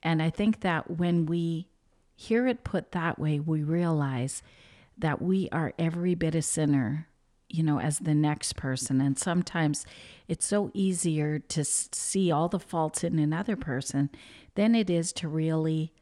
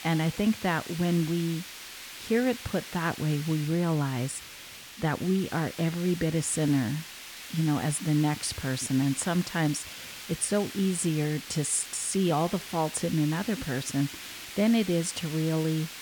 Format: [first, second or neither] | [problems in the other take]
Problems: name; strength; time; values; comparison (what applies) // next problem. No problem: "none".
first | hiss; noticeable; throughout; 10 dB below the speech